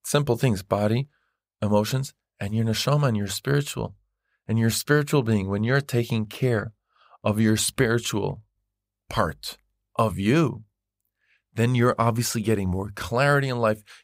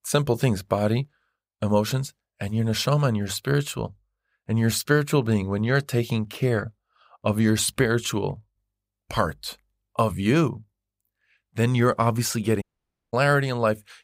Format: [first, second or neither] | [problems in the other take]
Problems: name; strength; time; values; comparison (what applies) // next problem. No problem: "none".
first | audio cutting out; at 13 s for 0.5 s